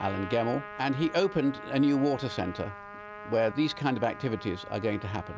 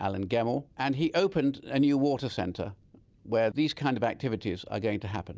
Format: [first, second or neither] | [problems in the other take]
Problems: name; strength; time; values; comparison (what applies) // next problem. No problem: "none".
second | background sound (Trumpet); 13 dB below the speech